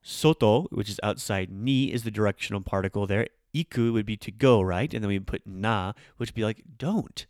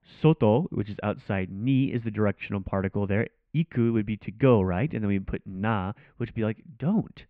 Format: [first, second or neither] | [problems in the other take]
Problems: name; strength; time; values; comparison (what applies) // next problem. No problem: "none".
first | muffled; very; fading above 2.5 kHz